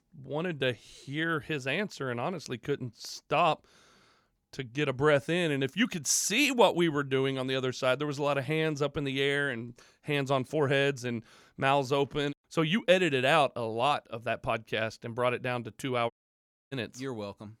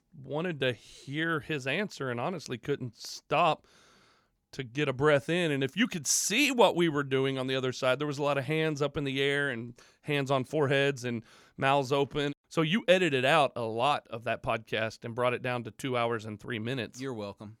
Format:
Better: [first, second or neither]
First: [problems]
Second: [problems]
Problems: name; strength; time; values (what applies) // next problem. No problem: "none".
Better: second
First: audio cutting out; at 16 s for 0.5 s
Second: none